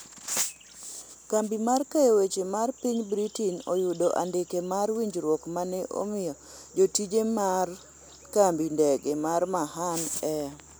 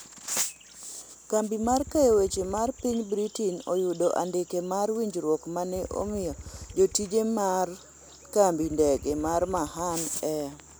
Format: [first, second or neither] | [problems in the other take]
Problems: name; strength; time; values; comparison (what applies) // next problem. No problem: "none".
first | background sound (Motorcycle / Engine); 17 dB below the speech